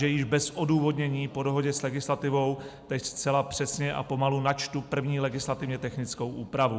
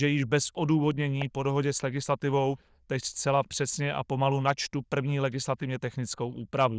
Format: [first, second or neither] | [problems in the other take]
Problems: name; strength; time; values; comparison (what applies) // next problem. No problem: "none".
first | noise reduction (neural diffusion model UNIVERSE++)